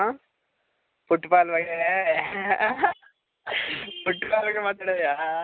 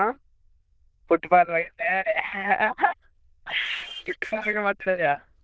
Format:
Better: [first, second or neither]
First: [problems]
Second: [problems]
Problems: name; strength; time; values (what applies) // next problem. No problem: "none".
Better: first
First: none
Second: noise reduction (neural diffusion model UNIVERSE++)